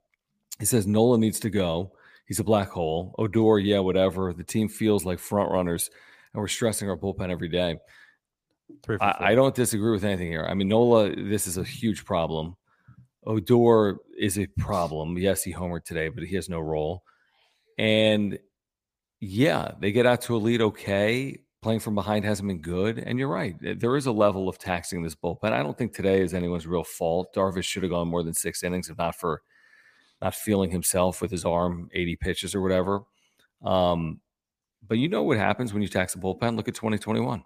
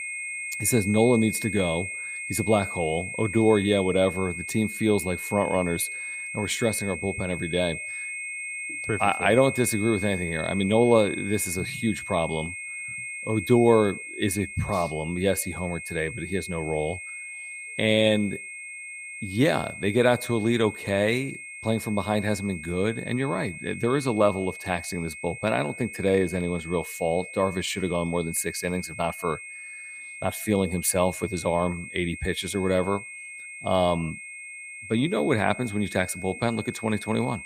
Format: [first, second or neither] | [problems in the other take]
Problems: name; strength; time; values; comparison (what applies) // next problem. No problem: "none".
first | high-pitched whine; loud; throughout; 2 kHz, 9 dB below the speech